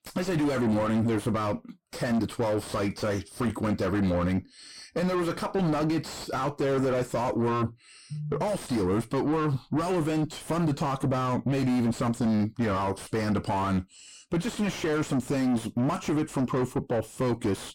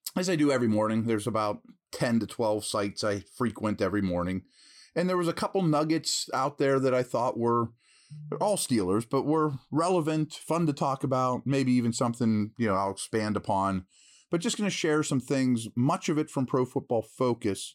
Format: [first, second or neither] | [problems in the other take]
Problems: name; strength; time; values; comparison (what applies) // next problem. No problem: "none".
second | distortion; heavy; 6 dB below the speech